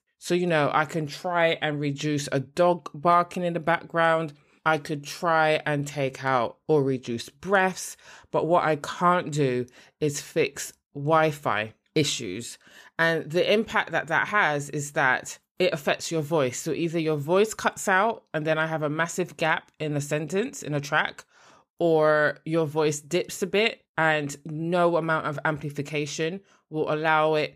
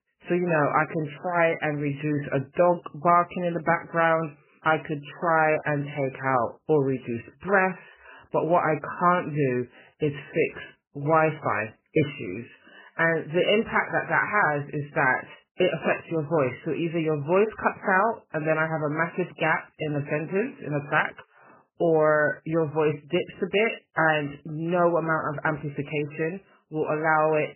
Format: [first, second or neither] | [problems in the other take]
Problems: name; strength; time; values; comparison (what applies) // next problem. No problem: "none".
first | garbled, watery; badly; nothing above 3 kHz